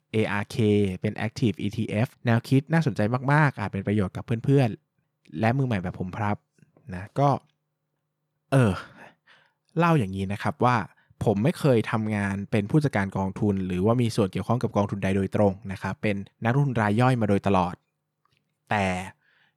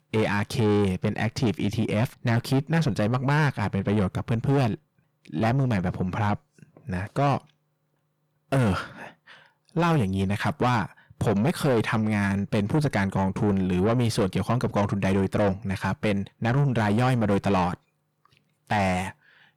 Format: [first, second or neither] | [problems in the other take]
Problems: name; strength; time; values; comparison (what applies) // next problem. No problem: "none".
first | distortion; heavy; 7 dB below the speech